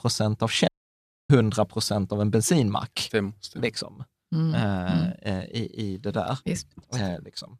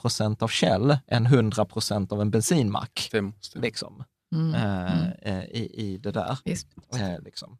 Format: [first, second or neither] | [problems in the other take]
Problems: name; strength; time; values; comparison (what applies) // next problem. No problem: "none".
second | audio cutting out; at 0.5 s for 0.5 s